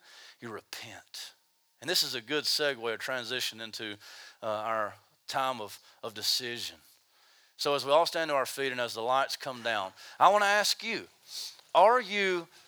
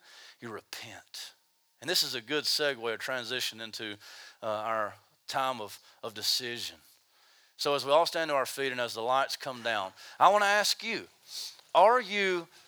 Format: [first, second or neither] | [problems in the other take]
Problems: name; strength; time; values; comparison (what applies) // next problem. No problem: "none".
neither | thin; somewhat; fading below 900 Hz; the same in both